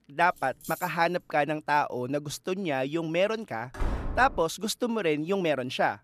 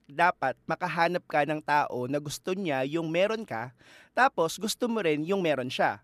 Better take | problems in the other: second | jangling keys; faint; at 0.5 s; peak 15 dB below the speech // door banging; noticeable; at 4 s; peak 6 dB below the speech

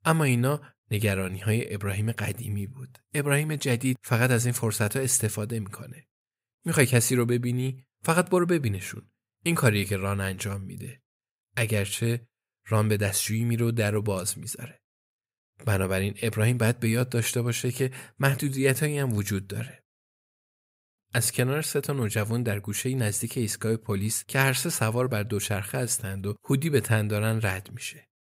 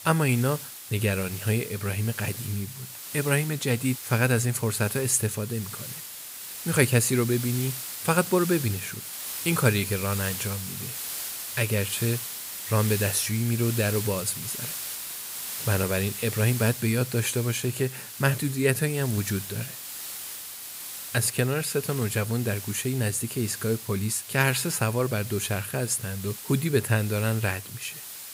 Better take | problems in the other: first | hiss; loud; throughout; 8 dB below the speech

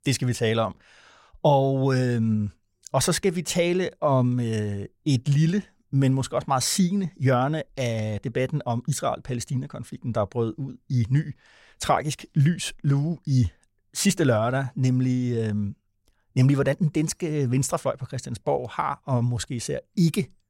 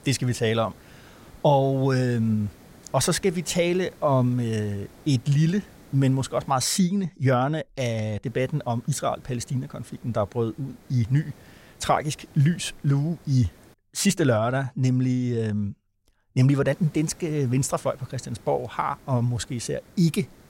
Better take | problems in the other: first | hiss; faint; until 6.5 s, from 8.5 to 14 s and from 17 s on; 25 dB below the speech

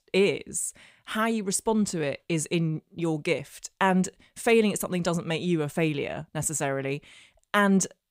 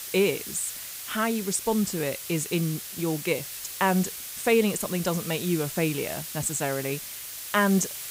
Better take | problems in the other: first | hiss; loud; throughout; 7 dB below the speech

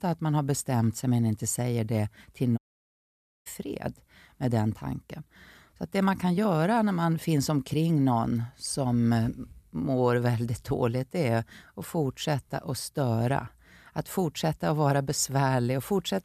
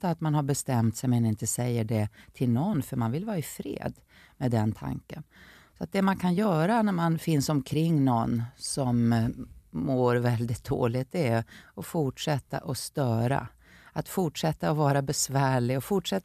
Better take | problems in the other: second | audio cutting out; at 2.5 s for 1 s

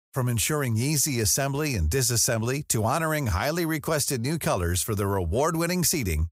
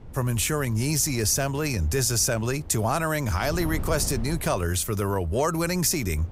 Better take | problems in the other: first | wind noise on the microphone; occasional gusts; 20 dB below the speech

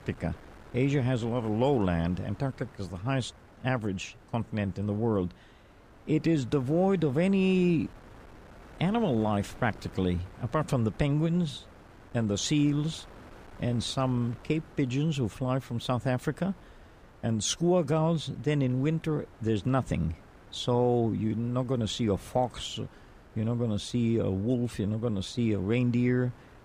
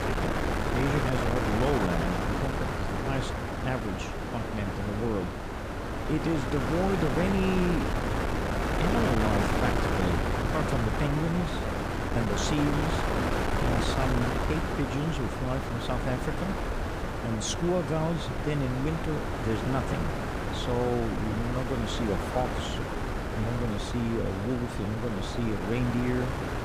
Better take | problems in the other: first | wind noise on the microphone; heavy; 3 dB above the speech; occasional gusts in the first

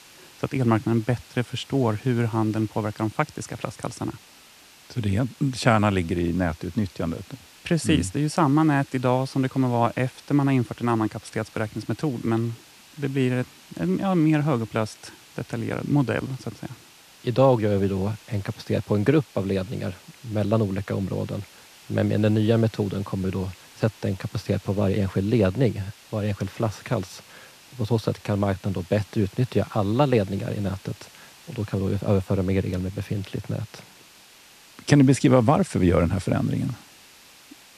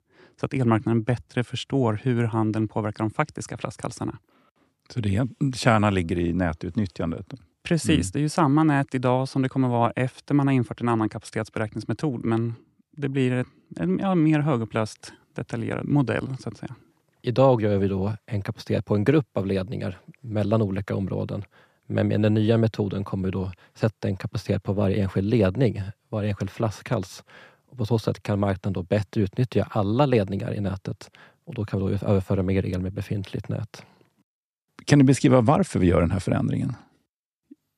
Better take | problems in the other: second | hiss; faint; throughout; 25 dB below the speech

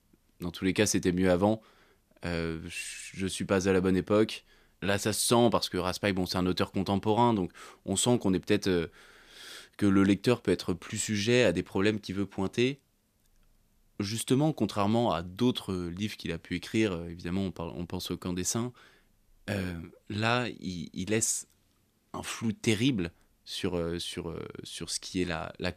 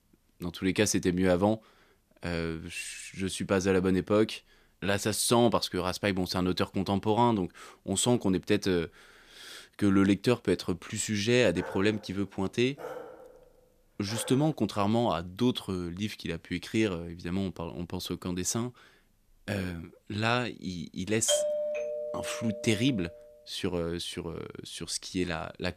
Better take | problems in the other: first | dog barking; faint; from 12 to 15 s; peak 10 dB below the speech // doorbell; loud; from 21 to 23 s; peak 1 dB above the speech

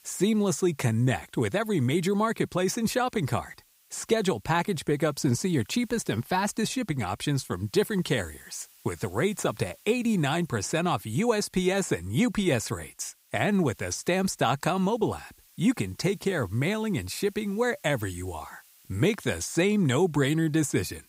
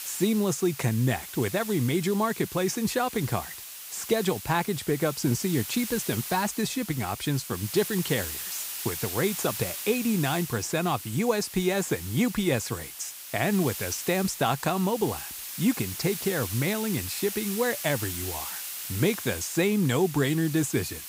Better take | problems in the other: first | hiss; loud; throughout; 8 dB below the speech; faint in the first

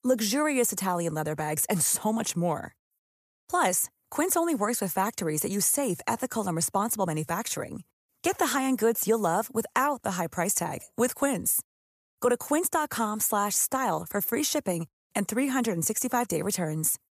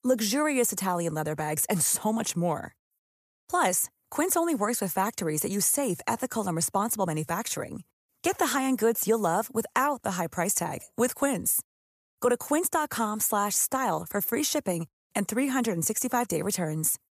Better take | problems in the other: neither | none

